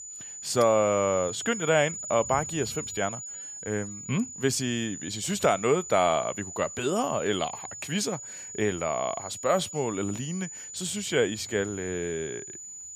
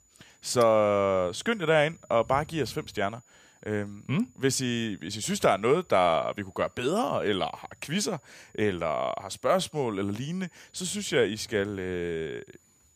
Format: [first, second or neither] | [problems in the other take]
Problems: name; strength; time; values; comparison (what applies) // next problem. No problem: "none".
second | high-pitched whine; loud; throughout; 7 kHz, 9 dB below the speech; faint in the second